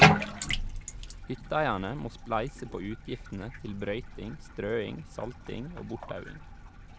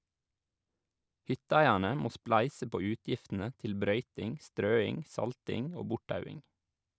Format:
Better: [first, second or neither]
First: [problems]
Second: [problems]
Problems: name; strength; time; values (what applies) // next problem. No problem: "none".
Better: second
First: background sound (Bathtub (filling or washing)); 4 dB above the speech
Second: none